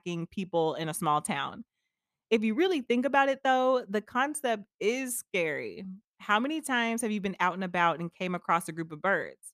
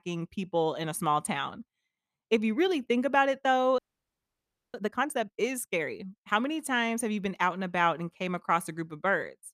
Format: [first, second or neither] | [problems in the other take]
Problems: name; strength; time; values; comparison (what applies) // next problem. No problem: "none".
first | audio freezing; at 4 s for 1 s